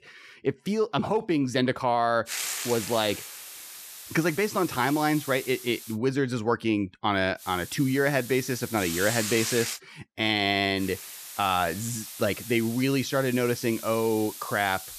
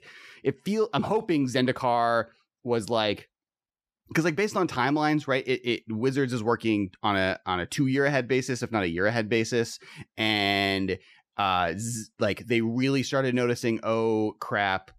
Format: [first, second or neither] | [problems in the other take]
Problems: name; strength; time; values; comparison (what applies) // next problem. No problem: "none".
second | hiss; loud; from 2.5 to 6 s, from 7.5 to 10 s and from 11 s on; 9 dB below the speech